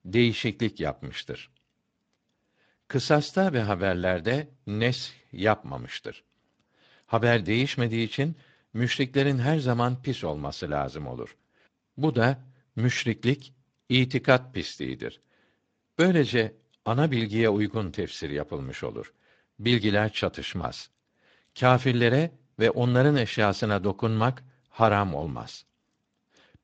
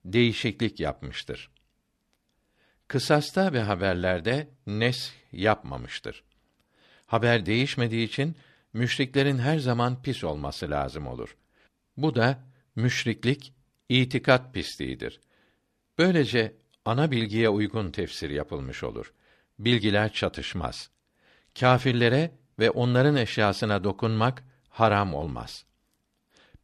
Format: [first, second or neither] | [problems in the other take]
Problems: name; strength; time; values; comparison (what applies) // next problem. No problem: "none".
second | garbled, watery; slightly; nothing above 7.5 kHz